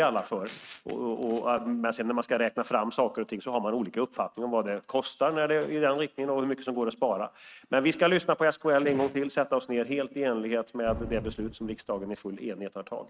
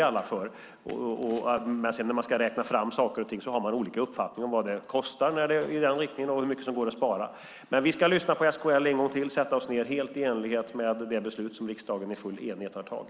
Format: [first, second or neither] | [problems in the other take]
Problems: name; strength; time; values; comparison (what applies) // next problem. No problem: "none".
second | noise reduction (neural mask model RNNoise)